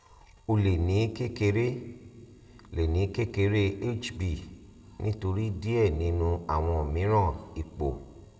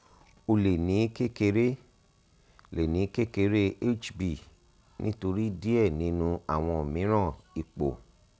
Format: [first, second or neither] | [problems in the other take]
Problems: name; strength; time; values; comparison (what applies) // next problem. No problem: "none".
second | room echo; dies away in 1.1 s